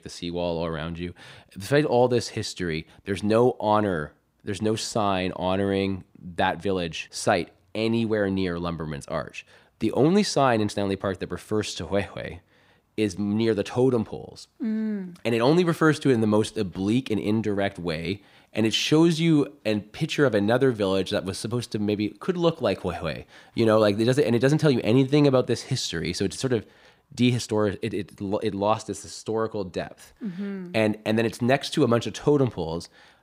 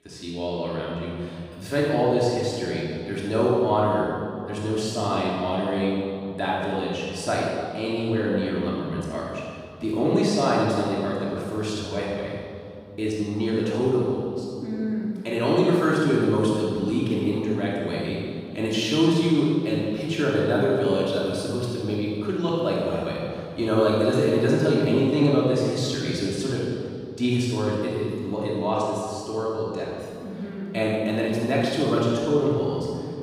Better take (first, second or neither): first